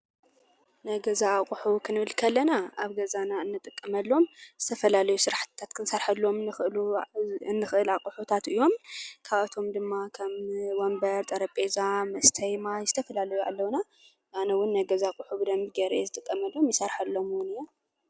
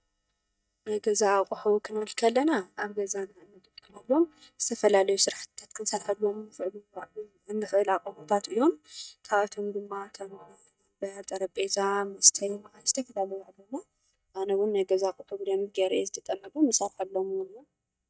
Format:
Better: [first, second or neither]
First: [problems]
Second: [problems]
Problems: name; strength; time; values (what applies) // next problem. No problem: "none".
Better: first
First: none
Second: noise reduction (neural mask model DeepFilterNet 3)